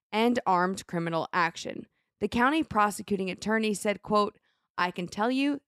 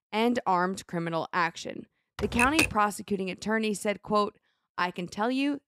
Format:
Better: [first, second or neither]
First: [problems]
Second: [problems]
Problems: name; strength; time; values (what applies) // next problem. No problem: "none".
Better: first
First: none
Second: keyboard typing; loud; at 2 s; peak 3 dB above the speech